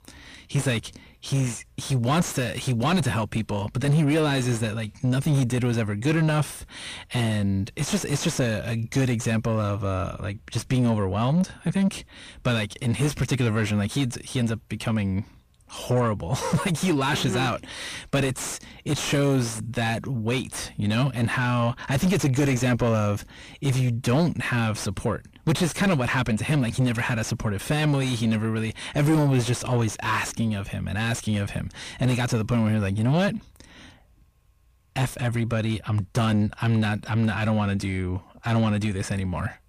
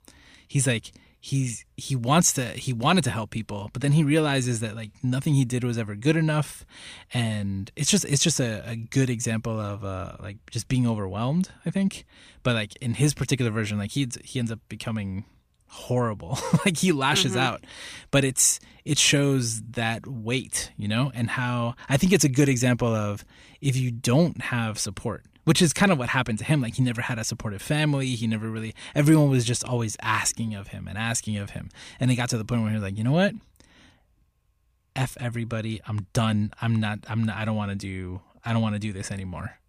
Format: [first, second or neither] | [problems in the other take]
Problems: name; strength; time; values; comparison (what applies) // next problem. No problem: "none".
second | distortion; heavy; 6 dB below the speech